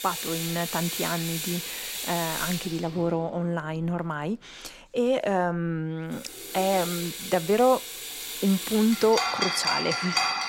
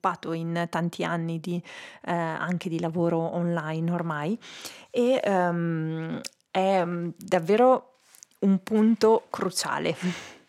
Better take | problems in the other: second | household noises; loud; throughout; 2 dB below the speech

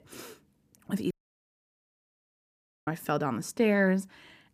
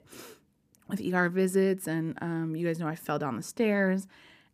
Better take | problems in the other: second | audio cutting out; at 1 s for 2 s

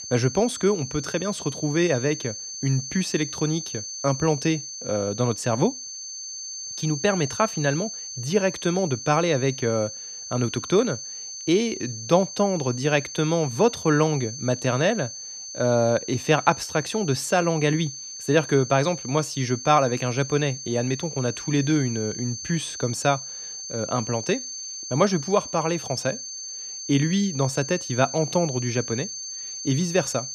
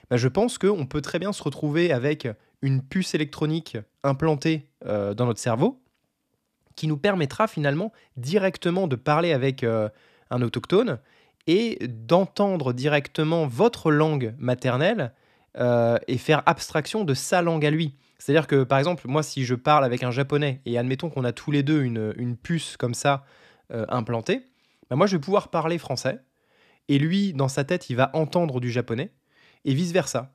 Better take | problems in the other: second | high-pitched whine; loud; throughout; 6.5 kHz, 8 dB below the speech

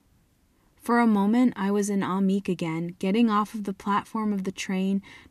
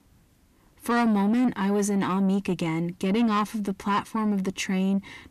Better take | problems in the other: first | distortion; slight; 10 dB below the speech

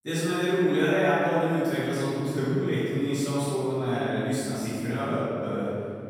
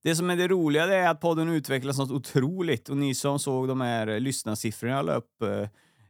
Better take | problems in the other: second | off-mic speech; far // room echo; strong; dies away in 2.4 s

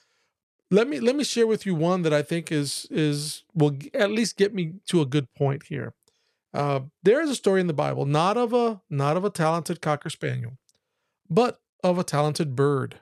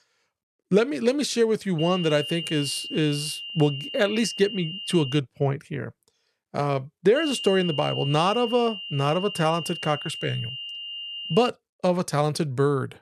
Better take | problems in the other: first | high-pitched whine; loud; from 2 to 5 s and from 7 to 11 s; 3 kHz, 8 dB below the speech

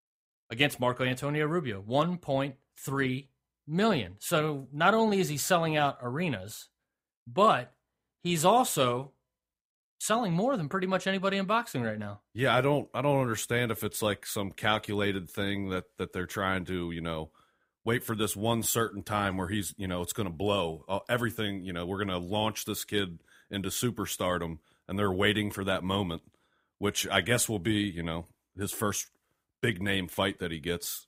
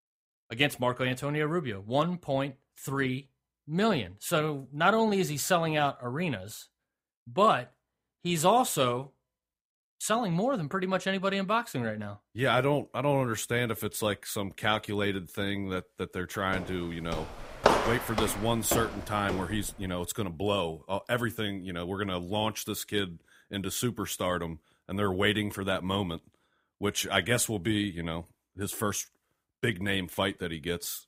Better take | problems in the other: first | footsteps; loud; from 17 to 19 s; peak 5 dB above the speech

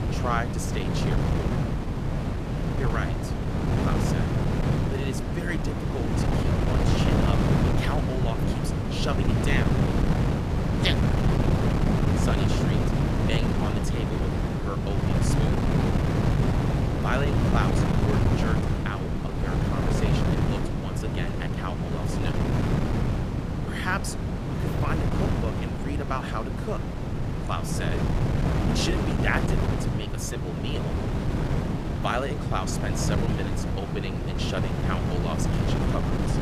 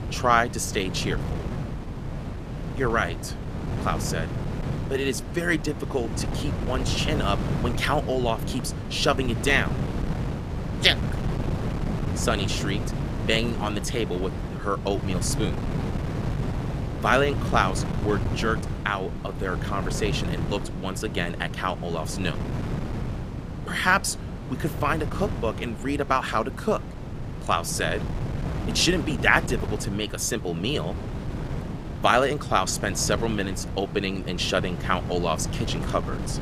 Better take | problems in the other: second | wind noise on the microphone; heavy; 2 dB above the speech; occasional gusts in the second

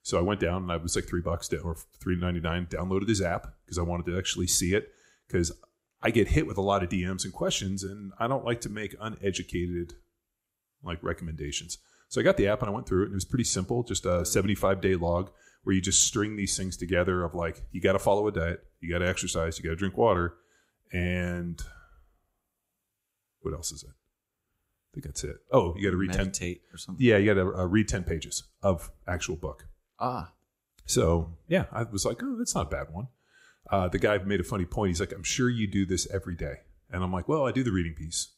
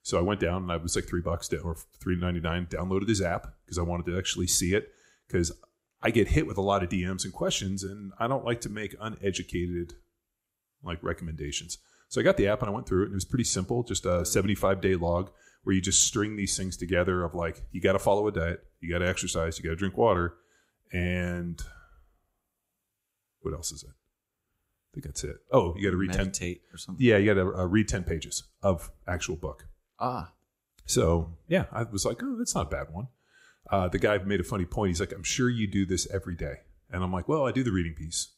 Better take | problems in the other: neither | none

